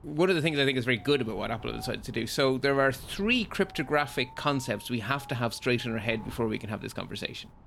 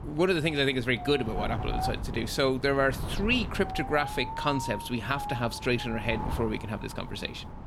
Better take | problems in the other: first | wind noise on the microphone; heavy; 8 dB below the speech; occasional gusts in the first

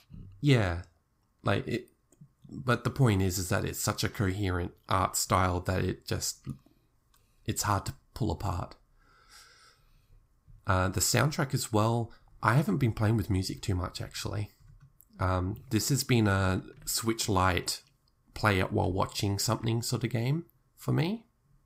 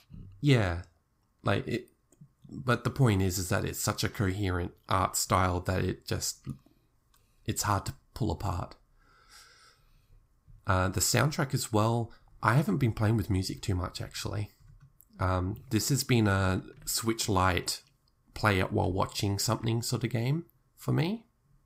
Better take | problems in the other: neither | none

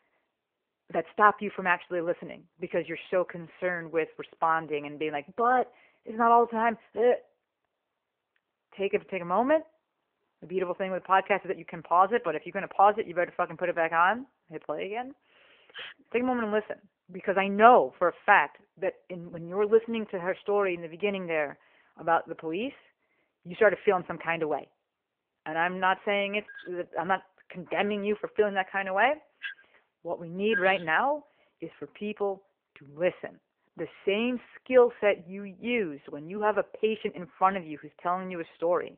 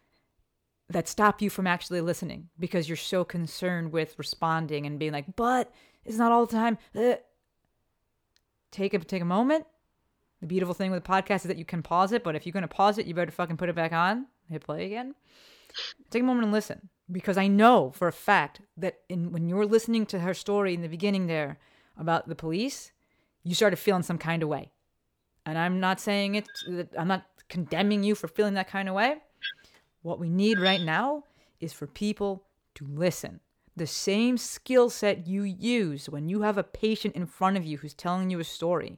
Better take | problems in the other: second | phone-call audio

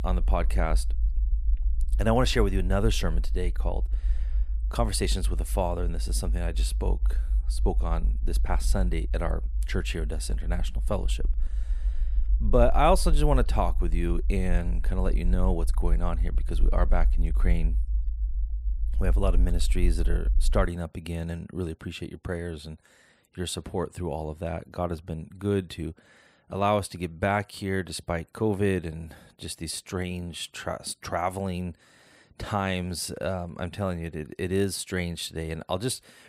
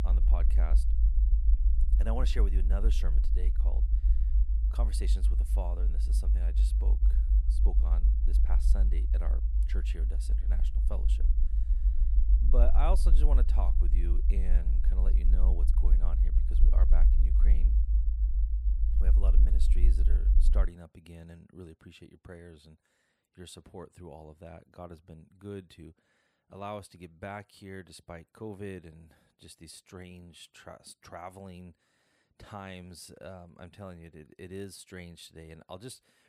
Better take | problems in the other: first | low rumble; loud; until 21 s; 5 dB below the speech; faint in the first

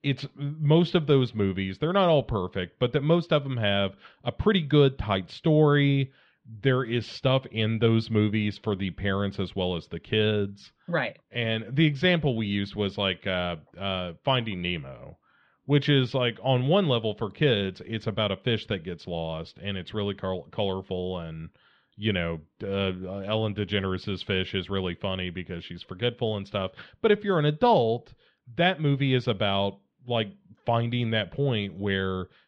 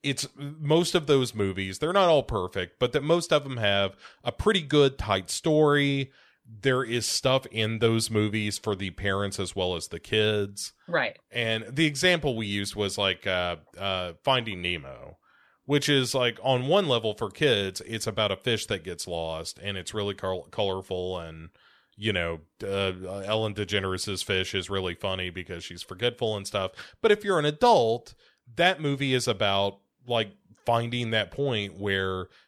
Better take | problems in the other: second | muffled; slightly; fading above 3.5 kHz

